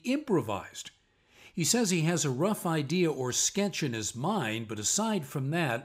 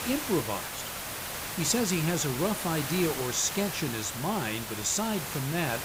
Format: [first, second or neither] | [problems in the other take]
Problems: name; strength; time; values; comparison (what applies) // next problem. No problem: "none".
first | hiss; loud; throughout; 5 dB below the speech